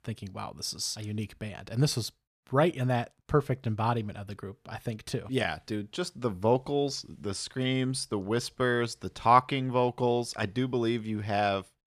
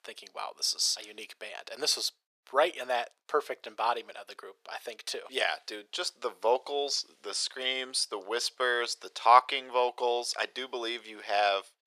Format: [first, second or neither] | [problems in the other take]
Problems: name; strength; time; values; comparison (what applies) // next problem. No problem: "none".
first | thin; very; fading below 450 Hz